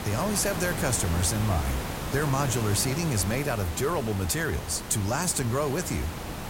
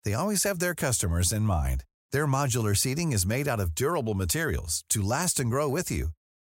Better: second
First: hiss; loud; throughout; 7 dB below the speech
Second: none

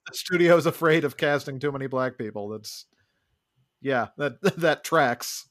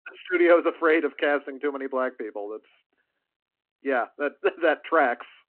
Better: first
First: none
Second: phone-call audio

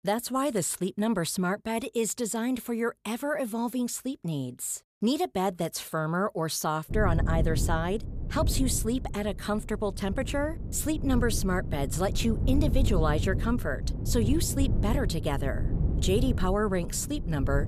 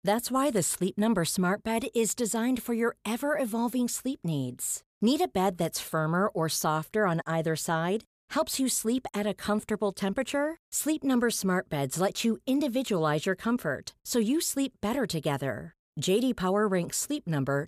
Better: second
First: wind noise on the microphone; occasional gusts; from 7 s on; 10 dB below the speech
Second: none

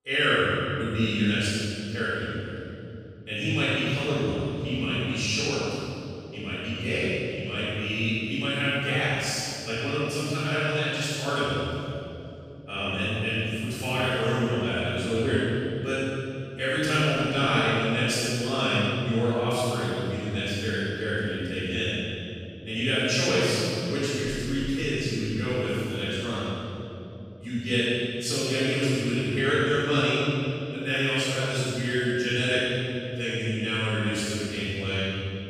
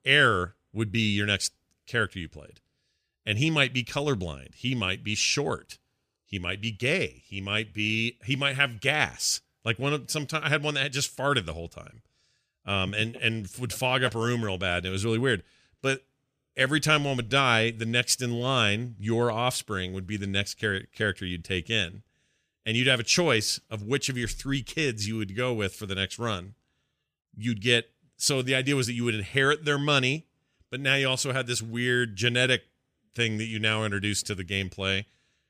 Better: second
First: room echo; strong; dies away in 2.9 s // off-mic speech; far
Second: none

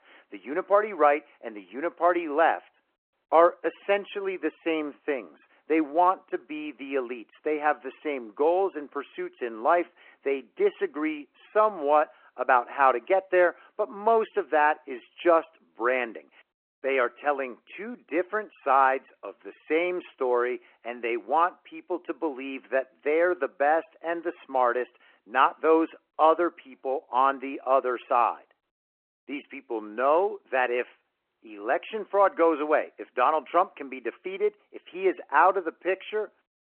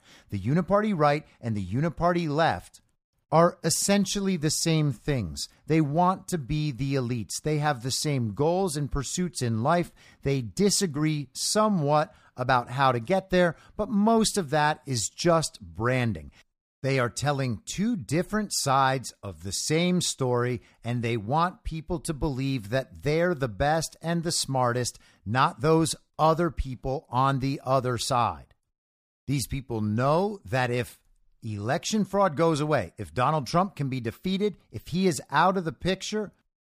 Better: second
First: phone-call audio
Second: none

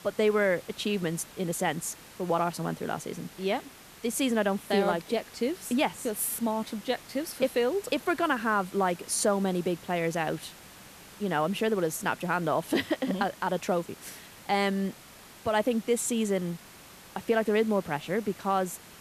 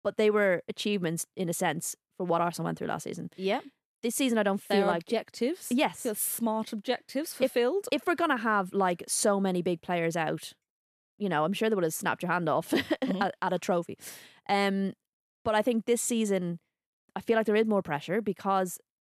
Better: second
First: hiss; noticeable; throughout; 20 dB below the speech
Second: none

